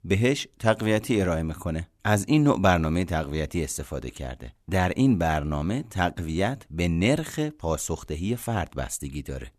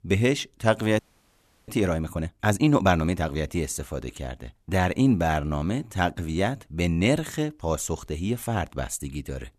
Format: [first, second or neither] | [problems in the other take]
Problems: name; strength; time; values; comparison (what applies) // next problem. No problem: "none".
first | audio freezing; at 1 s for 0.5 s